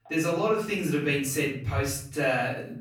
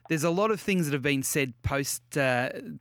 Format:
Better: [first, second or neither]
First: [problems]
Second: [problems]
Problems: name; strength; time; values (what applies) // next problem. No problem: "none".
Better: second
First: off-mic speech; far // room echo; noticeable; dies away in 0.5 s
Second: none